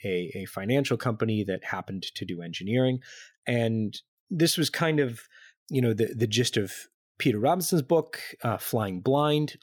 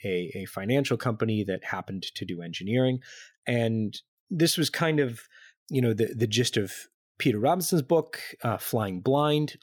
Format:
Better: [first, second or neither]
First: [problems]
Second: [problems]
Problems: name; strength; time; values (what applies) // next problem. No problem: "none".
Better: neither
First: none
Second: none